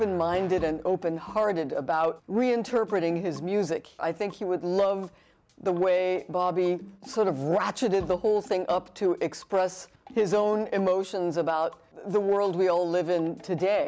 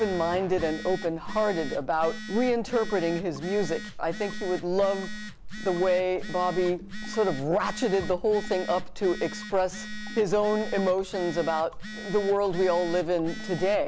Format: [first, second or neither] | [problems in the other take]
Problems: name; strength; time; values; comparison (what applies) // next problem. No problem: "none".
first | background sound (Telephone); 10 dB below the speech